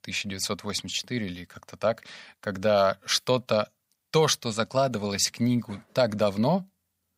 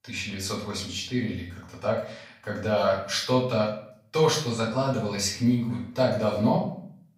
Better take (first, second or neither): first